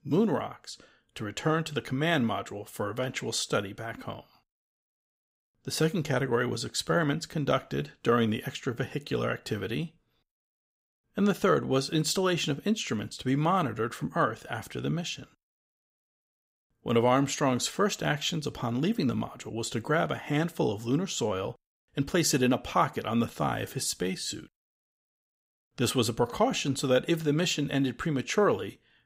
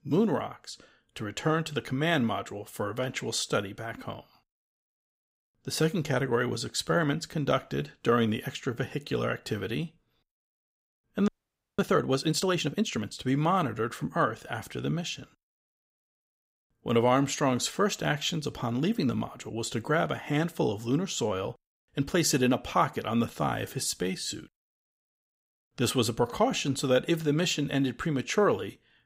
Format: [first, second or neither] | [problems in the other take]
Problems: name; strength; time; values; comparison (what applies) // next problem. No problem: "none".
first | audio freezing; at 11 s for 0.5 s